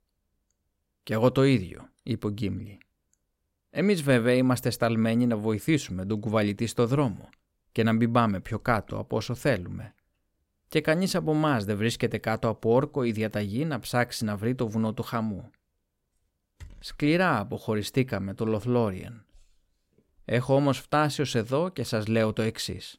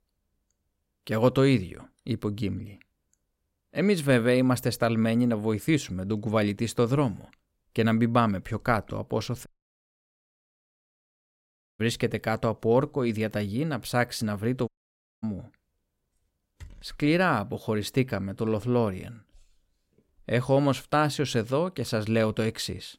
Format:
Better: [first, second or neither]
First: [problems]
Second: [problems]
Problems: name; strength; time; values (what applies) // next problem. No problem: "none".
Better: first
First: none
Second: audio cutting out; at 9.5 s for 2.5 s and at 15 s for 0.5 s